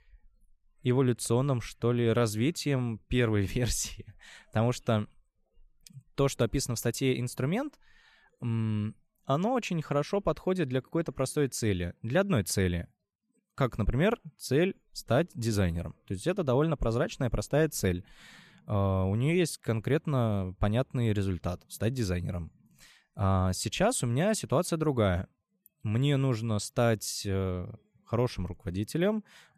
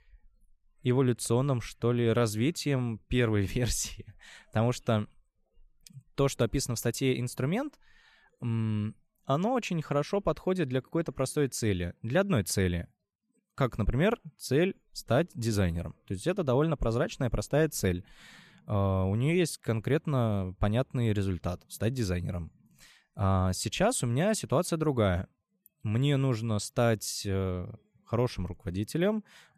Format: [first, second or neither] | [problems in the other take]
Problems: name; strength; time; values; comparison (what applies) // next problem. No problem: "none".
neither | none